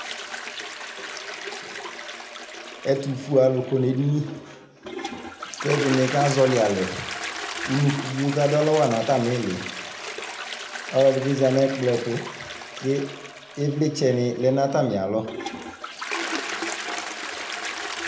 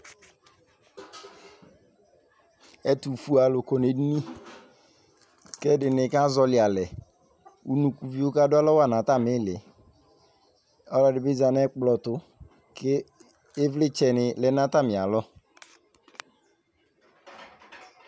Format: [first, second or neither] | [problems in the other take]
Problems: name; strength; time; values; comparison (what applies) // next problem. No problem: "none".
second | background sound (Toilet flush); 9 dB below the speech // room echo; dies away in 0.7 s